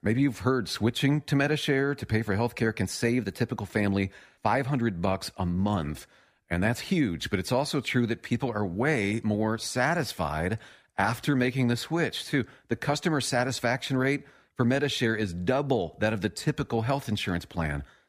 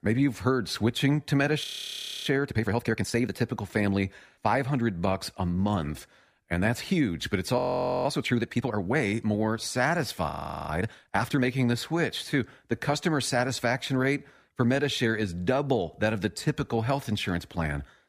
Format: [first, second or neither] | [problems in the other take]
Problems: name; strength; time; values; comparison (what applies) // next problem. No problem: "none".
first | audio freezing; at 1.5 s for 0.5 s, at 7.5 s and at 10 s